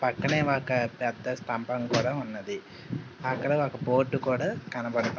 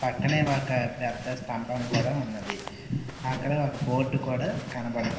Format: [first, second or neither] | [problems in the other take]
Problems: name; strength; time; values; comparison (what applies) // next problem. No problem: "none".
first | background sound (Walk, footsteps); 15 dB below the speech // room echo; dies away in 2.4 s